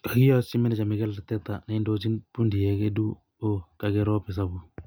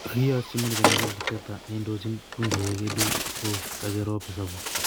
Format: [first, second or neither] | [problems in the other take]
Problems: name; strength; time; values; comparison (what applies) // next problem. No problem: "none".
first | background sound (Bird); 1 dB below the speech